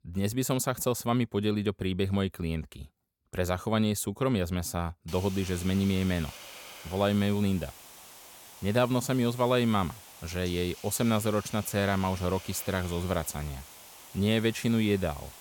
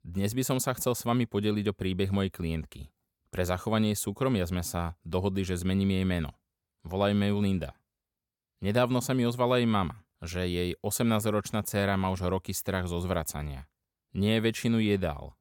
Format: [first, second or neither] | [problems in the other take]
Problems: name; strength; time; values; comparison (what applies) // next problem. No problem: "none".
second | hiss; noticeable; from 5 s on; 15 dB below the speech